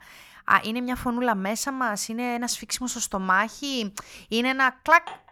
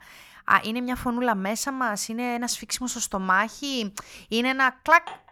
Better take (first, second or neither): neither